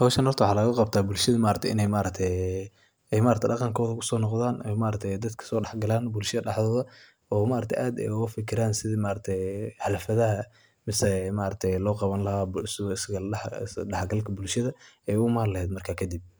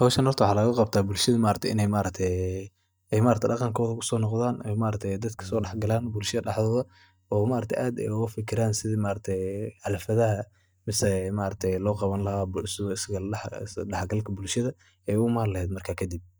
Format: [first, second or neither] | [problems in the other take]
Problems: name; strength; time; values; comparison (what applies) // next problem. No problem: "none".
first | noise reduction (neural mask model DeepFilterNet 3)